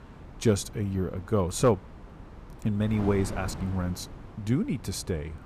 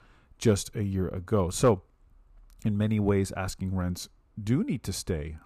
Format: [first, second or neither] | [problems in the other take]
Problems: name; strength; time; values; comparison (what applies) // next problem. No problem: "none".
second | wind noise on the microphone; occasional gusts; 15 dB below the speech